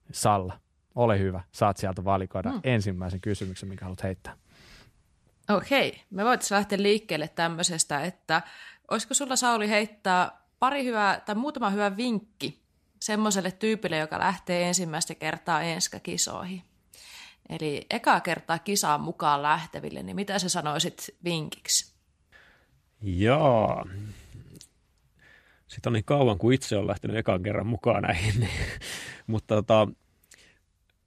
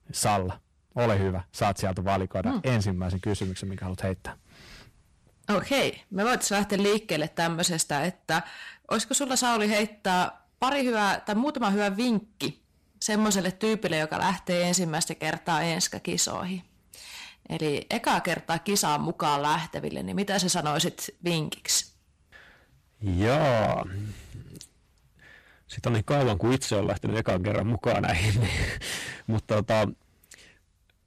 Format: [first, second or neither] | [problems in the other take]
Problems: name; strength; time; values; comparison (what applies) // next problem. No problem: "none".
first | distortion; heavy; 9% of the sound clipped